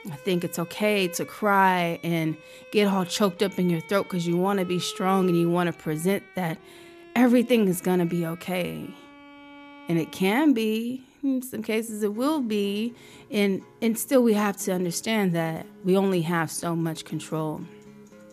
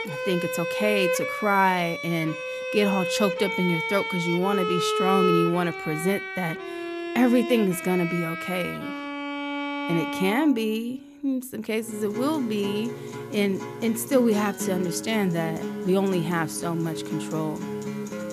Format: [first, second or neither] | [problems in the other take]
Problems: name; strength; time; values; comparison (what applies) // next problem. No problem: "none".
first | background music; loud; throughout; 4 dB below the speech; faint in the first